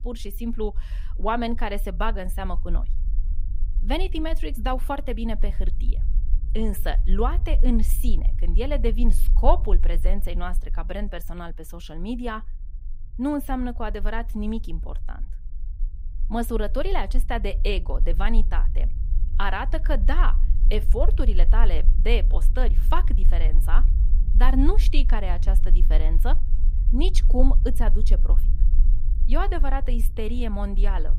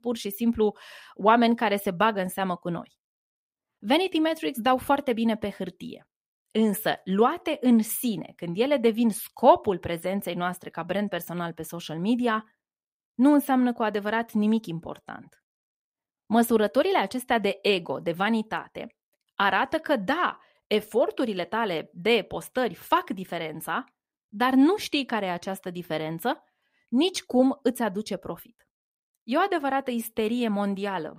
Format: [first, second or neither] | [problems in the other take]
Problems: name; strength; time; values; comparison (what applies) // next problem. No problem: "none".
second | low rumble; noticeable; throughout; 20 dB below the speech